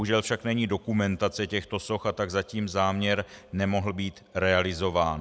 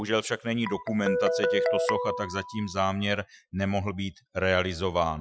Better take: first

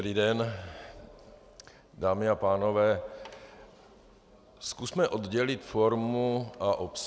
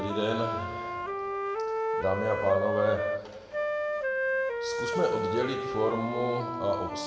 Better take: first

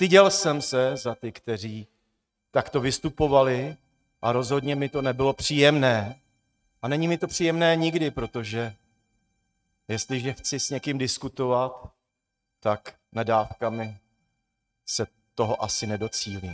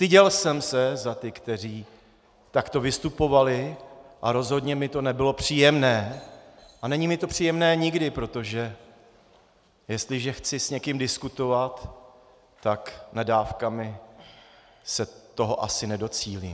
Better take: second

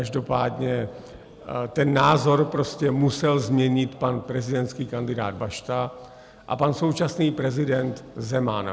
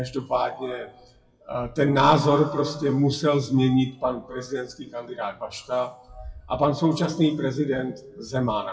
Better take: first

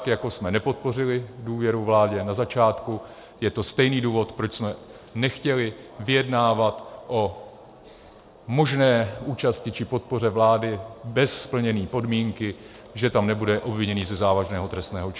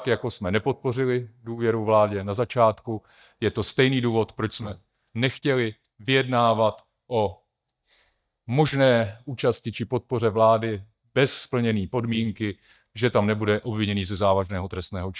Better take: first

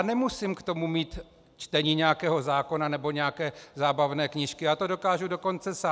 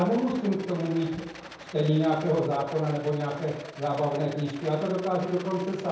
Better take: first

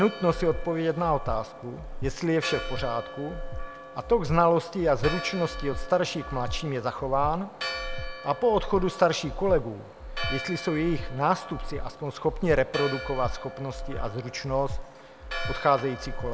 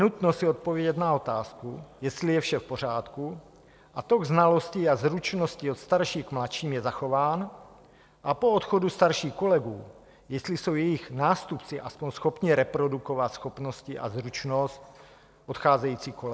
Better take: second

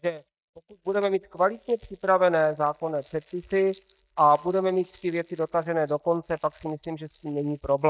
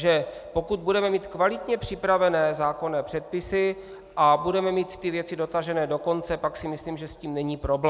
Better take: second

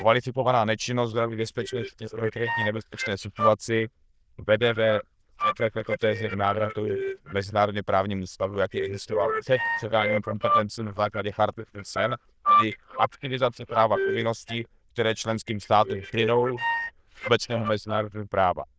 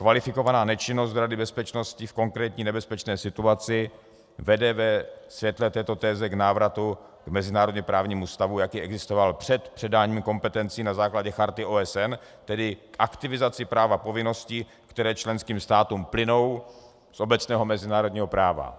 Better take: second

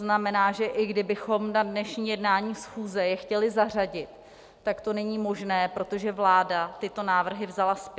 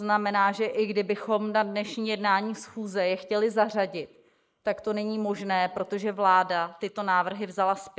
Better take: first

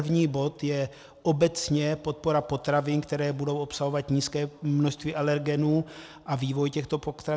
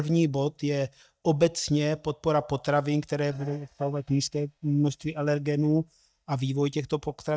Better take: first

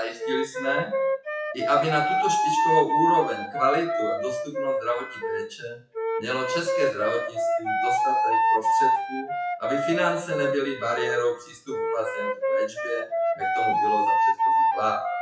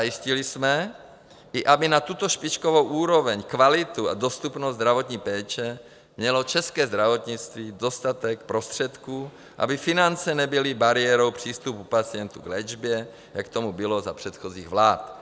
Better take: second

